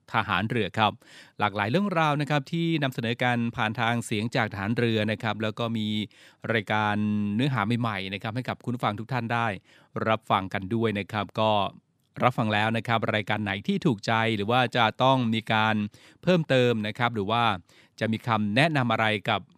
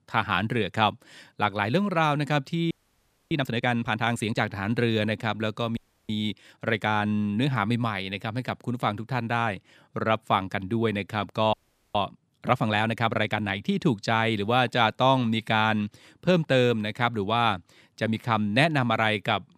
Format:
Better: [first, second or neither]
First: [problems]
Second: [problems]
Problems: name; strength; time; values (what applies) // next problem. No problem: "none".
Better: first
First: none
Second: audio freezing; at 2.5 s for 0.5 s, at 6 s and at 12 s